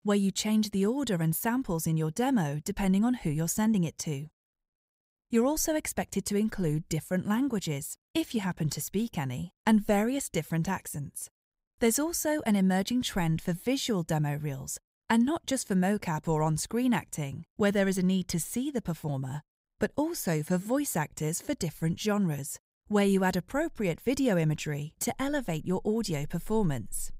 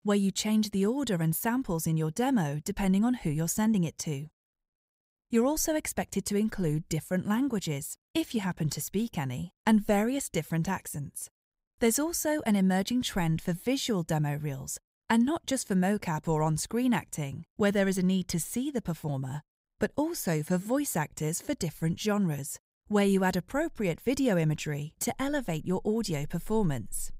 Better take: neither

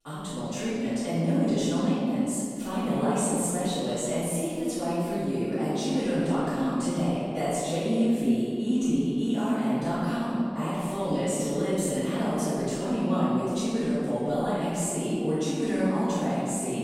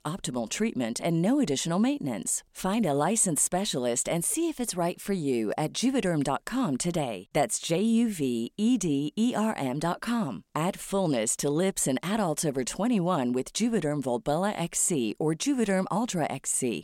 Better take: second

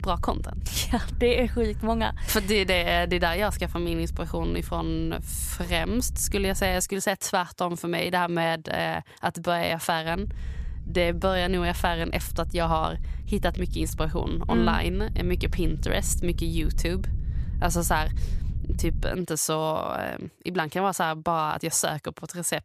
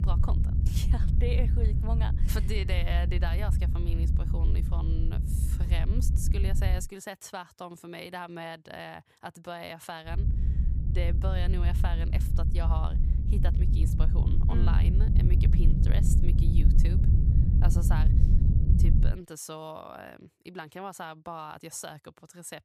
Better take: first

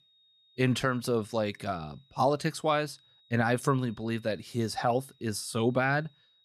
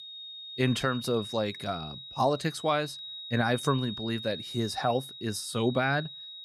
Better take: first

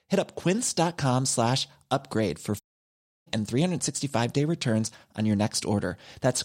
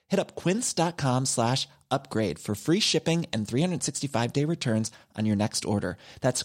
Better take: second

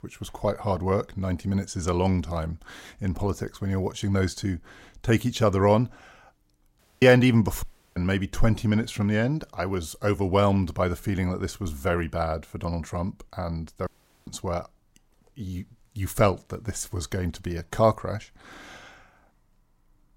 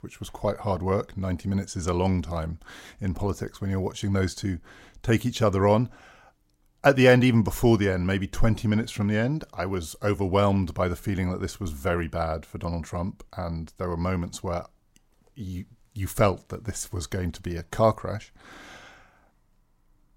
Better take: second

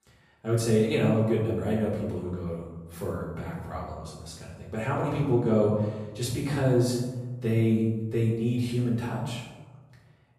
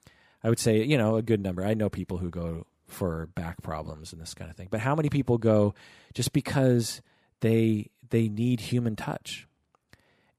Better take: second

